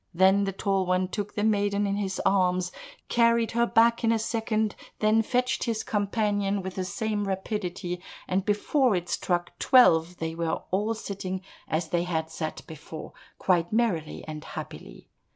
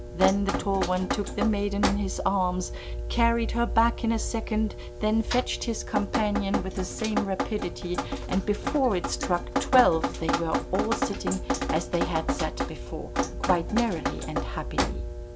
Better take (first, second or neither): first